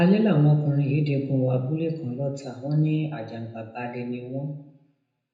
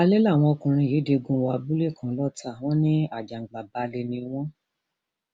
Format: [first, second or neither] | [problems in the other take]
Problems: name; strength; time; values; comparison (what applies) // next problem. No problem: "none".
second | room echo; dies away in 0.7 s